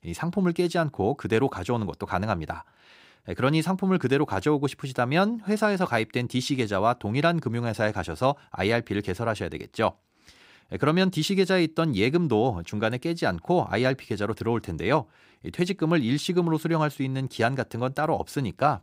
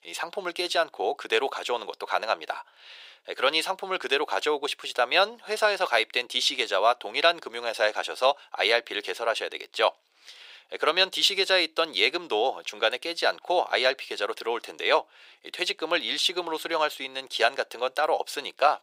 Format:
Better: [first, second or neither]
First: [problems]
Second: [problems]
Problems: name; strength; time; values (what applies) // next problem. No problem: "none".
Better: first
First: none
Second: thin; very; fading below 500 Hz